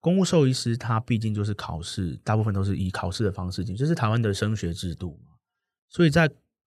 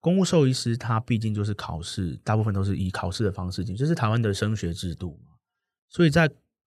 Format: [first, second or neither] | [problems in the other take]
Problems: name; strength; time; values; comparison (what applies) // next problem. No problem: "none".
neither | none